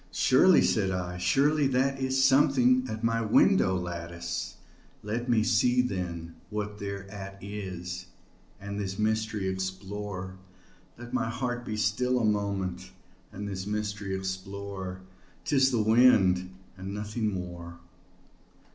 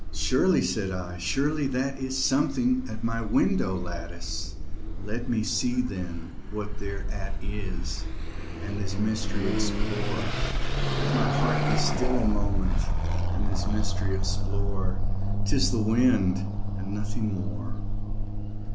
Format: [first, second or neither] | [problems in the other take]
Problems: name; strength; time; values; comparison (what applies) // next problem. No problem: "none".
first | background sound (Car passing by / Accelerating, revving, vroom); 4 dB above the speech